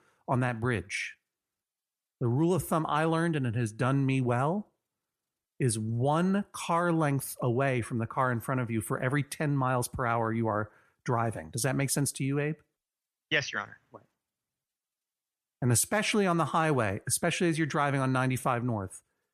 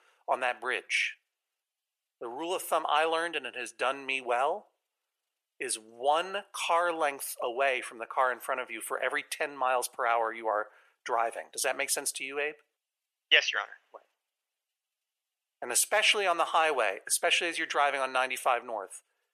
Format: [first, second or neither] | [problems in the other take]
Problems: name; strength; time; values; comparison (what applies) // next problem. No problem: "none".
first | thin; very; fading below 500 Hz